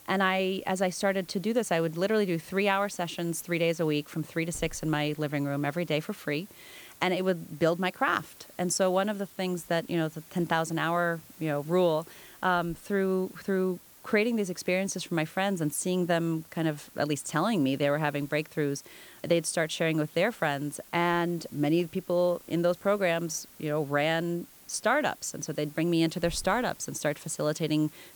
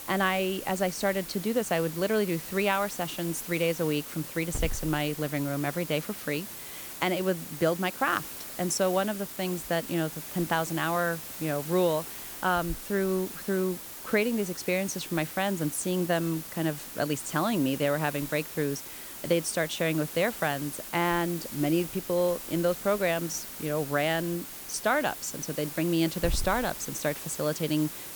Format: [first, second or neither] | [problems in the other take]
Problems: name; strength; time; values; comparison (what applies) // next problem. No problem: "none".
first | hiss; loud; throughout; 9 dB below the speech; faint in the first